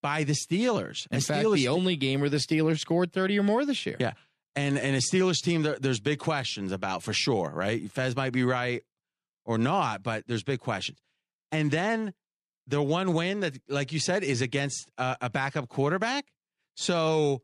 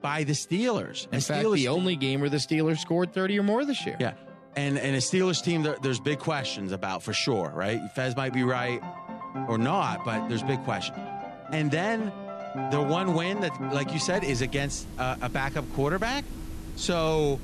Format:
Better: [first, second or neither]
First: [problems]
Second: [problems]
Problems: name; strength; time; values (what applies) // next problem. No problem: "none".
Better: first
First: none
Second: background music; noticeable; throughout; 10 dB below the speech